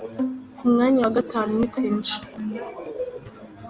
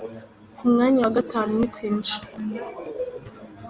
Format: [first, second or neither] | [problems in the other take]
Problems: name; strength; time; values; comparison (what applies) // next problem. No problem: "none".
second | background sound (Bowed string instrument); 9 dB below the speech